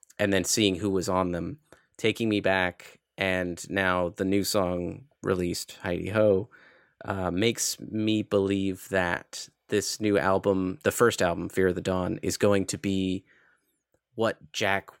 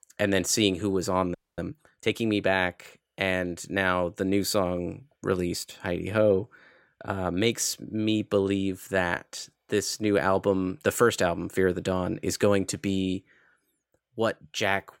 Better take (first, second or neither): first